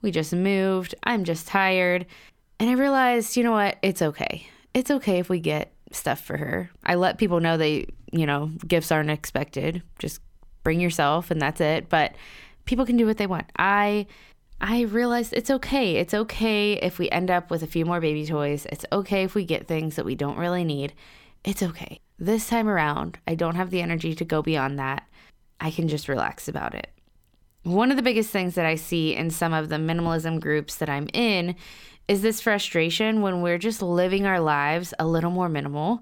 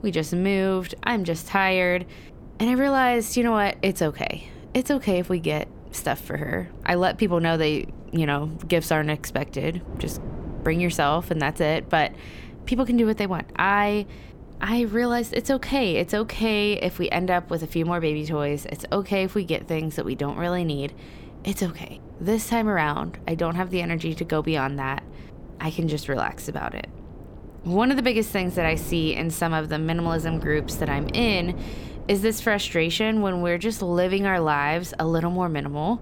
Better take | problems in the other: first | wind noise on the microphone; occasional gusts; 20 dB below the speech

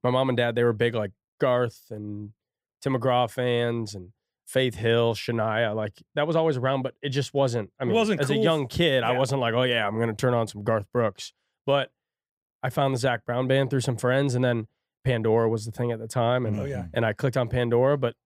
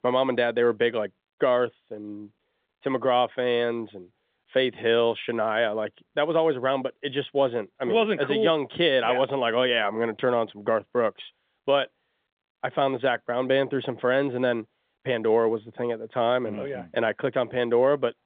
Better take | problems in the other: first | phone-call audio; nothing above 3.5 kHz

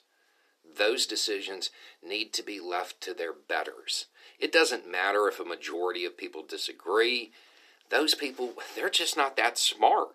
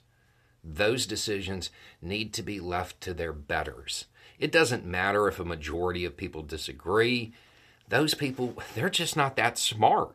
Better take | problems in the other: second | thin; somewhat; fading below 300 Hz

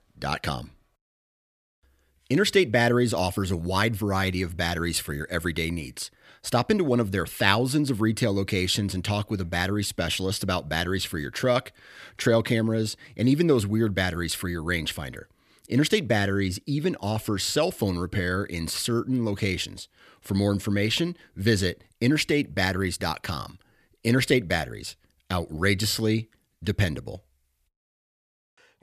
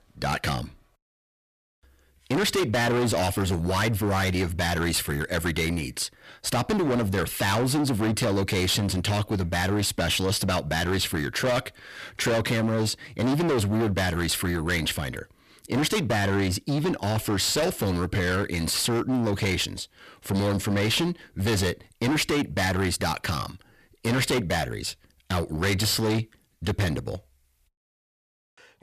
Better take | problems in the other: first | distortion; heavy; 20% of the sound clipped

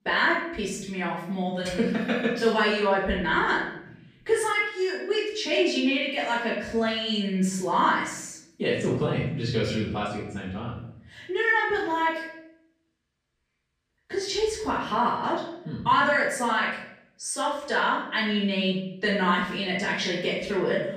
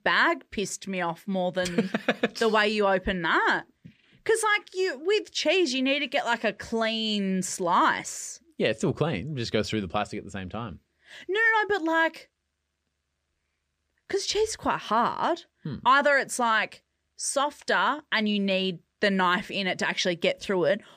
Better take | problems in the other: second | off-mic speech; far // room echo; noticeable; dies away in 0.7 s

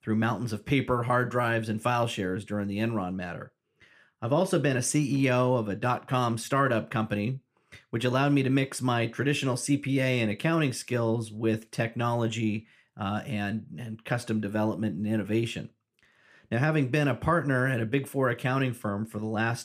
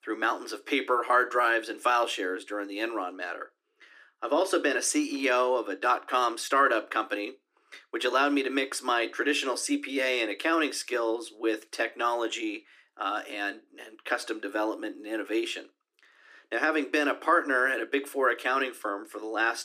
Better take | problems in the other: first | thin; somewhat; fading below 300 Hz

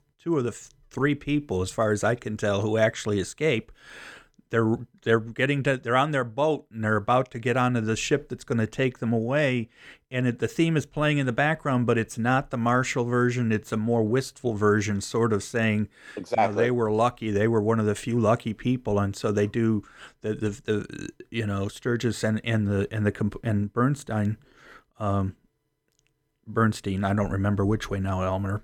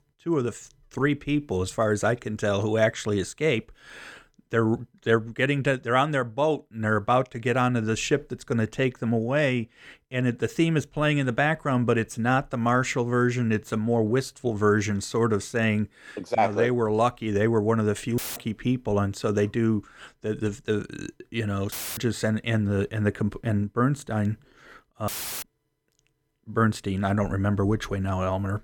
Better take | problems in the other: first | audio cutting out; filled with static; at 18 s, at 22 s and at 25 s

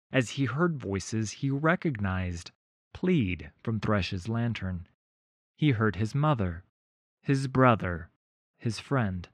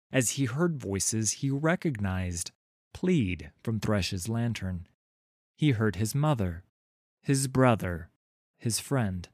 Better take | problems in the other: second | muffled; slightly; fading above 3 kHz

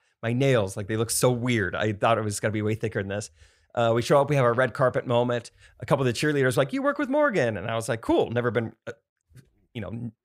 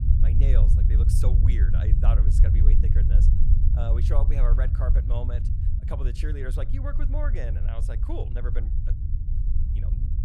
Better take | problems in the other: first | low rumble; loud; throughout; 3 dB below the speech

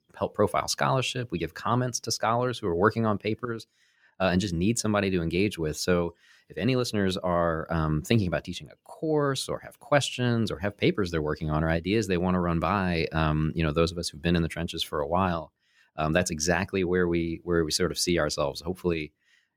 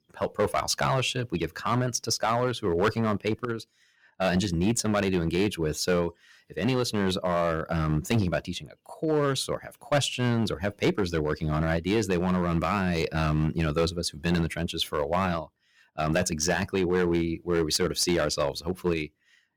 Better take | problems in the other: first | distortion; slight; 5% of the sound clipped

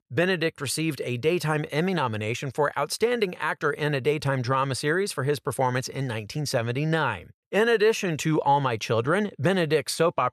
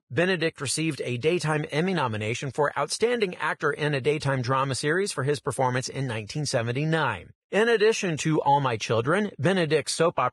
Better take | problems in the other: first | garbled, watery; badly; nothing above 10.5 kHz

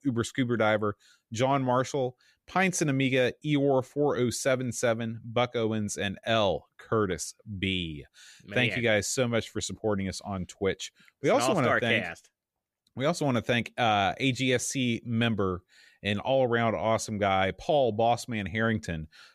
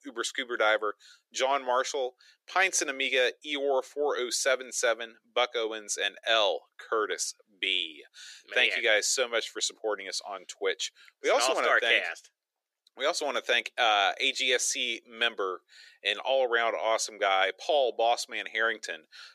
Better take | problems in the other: first | thin; very; fading below 400 Hz

